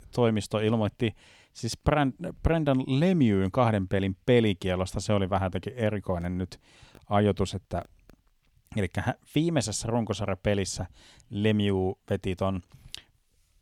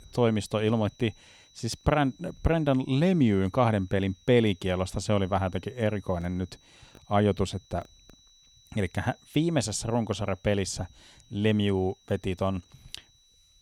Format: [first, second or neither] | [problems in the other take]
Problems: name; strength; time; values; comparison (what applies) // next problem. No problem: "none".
first | high-pitched whine; faint; throughout; 4 kHz, 30 dB below the speech